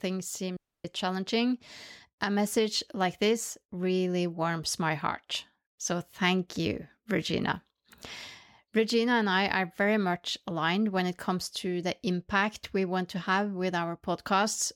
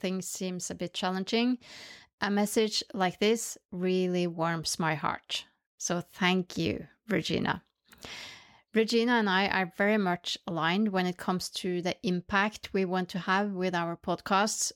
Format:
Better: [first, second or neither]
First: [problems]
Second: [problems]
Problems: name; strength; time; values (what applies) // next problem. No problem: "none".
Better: second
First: audio cutting out; at 0.5 s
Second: none